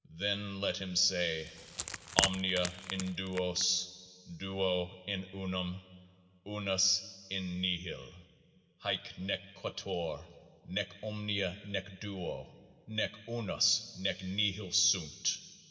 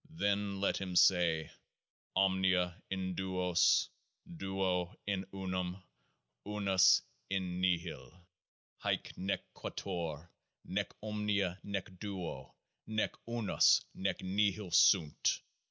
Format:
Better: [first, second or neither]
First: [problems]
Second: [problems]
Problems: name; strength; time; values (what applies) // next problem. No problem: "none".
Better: second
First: background sound (Wood); 4 dB below the speech // room echo; dies away in 1.7 s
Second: none